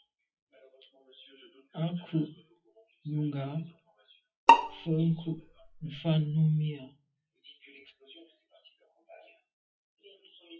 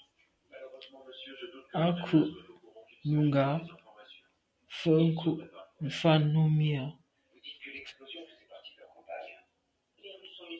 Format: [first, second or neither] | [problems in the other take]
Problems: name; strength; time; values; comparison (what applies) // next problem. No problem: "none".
second | noise reduction (classical method WPE with log-MMSE)